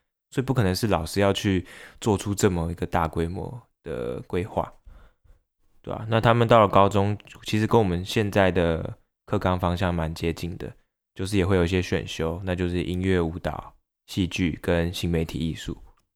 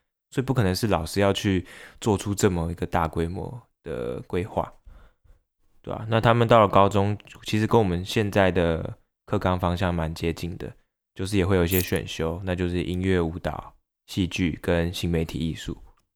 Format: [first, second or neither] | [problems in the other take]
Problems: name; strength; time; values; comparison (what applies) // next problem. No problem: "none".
first | jangling keys; noticeable; at 12 s; peak 5 dB below the speech